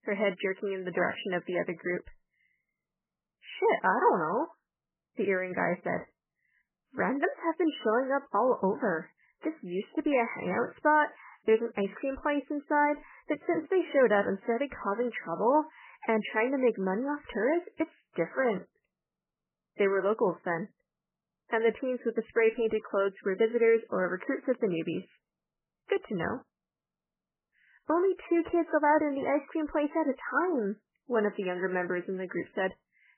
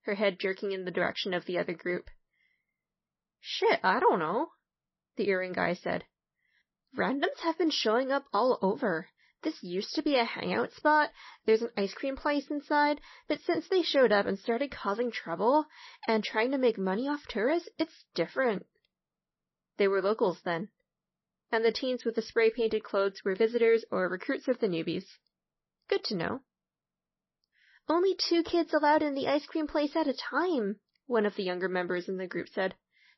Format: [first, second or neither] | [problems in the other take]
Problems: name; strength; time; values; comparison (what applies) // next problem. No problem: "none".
second | garbled, watery; badly; nothing above 3 kHz; slightly in the second